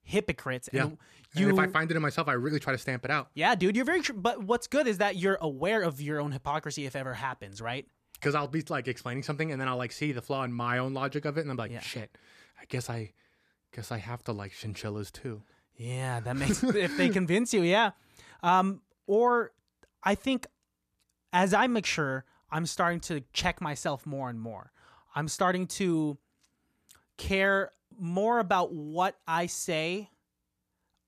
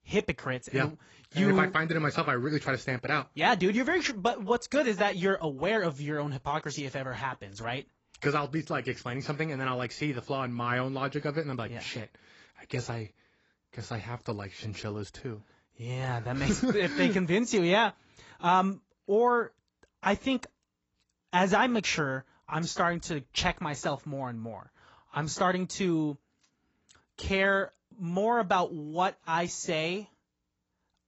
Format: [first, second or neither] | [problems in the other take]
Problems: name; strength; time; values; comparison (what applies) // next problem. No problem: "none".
first | garbled, watery; badly; nothing above 7.5 kHz